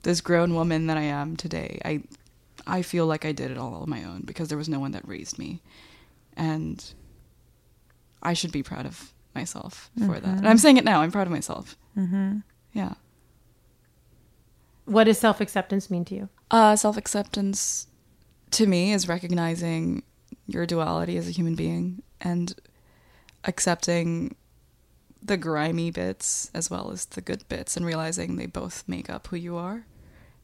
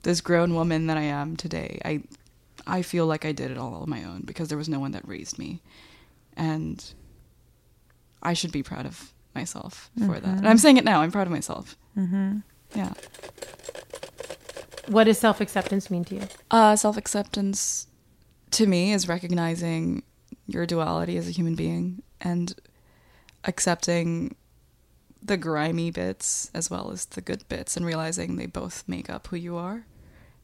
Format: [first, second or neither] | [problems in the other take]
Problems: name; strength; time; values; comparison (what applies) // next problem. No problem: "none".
first | clattering dishes; faint; from 13 to 16 s; peak 15 dB below the speech